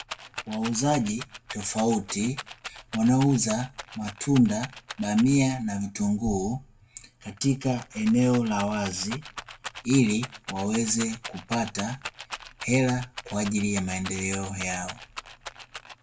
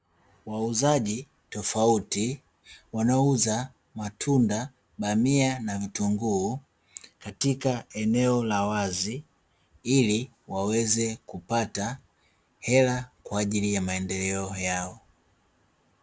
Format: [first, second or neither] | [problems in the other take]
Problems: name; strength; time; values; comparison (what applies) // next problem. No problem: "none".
second | background sound (Rattle); 14 dB below the speech // room echo; dies away in 0.2 s